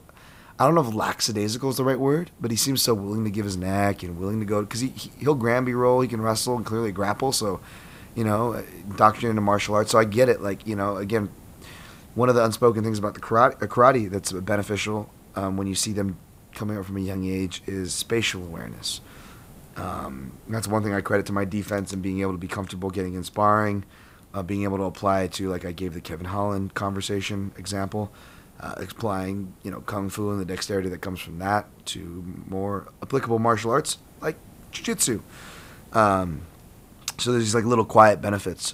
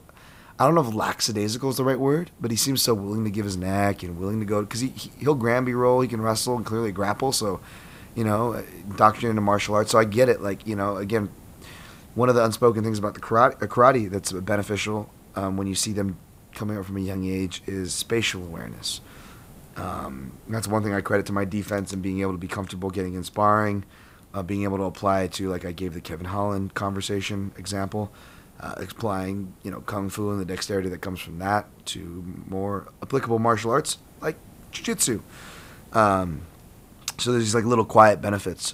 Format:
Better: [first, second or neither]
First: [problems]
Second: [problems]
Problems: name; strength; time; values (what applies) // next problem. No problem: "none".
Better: neither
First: hiss; faint; throughout; 25 dB below the speech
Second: hiss; faint; throughout; 25 dB below the speech